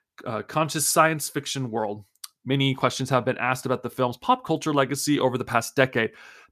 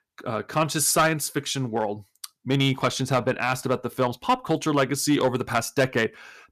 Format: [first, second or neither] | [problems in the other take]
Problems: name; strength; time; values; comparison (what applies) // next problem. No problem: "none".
first | distortion; slight; 3% of the sound clipped